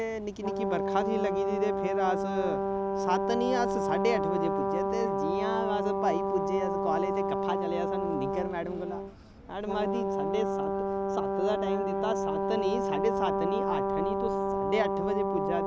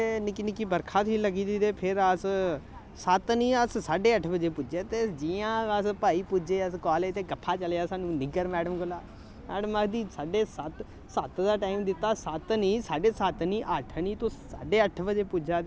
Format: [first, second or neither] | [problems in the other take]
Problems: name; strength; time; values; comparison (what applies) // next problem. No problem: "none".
second | background sound (Brass instrument); 3 dB above the speech